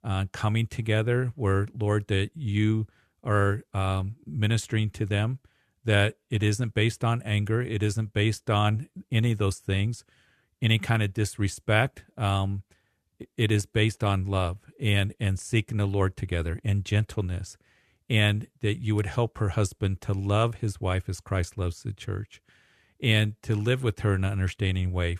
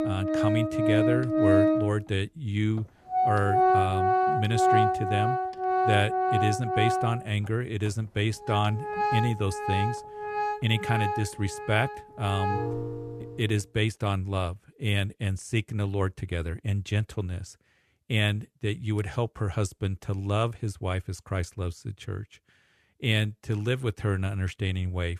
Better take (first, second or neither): first